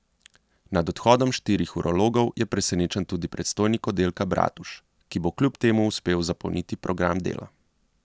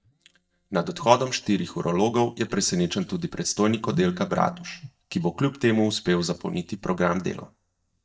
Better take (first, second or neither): first